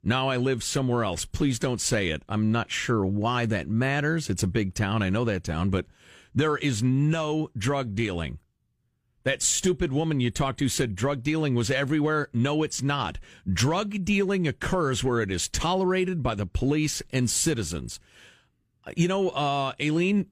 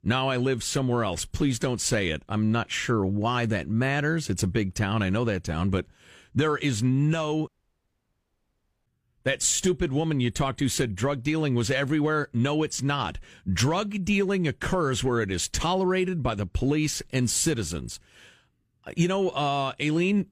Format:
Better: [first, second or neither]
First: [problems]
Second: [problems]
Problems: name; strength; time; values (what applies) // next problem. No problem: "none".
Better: first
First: none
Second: audio cutting out; at 7.5 s for 1.5 s